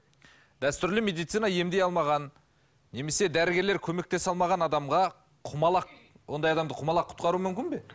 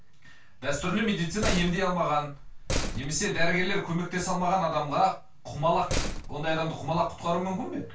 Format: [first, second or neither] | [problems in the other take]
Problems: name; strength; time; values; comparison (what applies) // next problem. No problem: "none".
first | background sound (Slam); 5 dB below the speech // room echo; dies away in 0.2 s